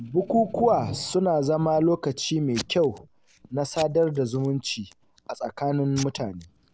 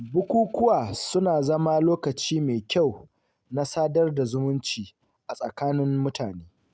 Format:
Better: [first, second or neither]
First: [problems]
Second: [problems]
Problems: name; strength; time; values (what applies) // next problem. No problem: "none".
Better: second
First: background sound (Packing tape, duct tape / Tearing); 17 dB below the speech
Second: none